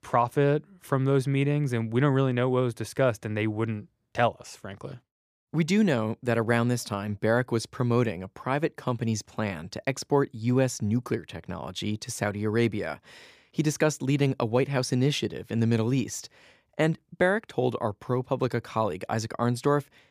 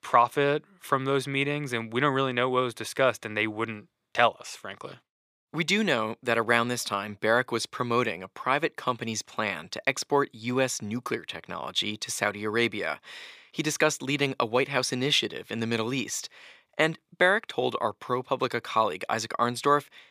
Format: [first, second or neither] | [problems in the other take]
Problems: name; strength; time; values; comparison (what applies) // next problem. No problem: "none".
first | thin; somewhat; fading below 1 kHz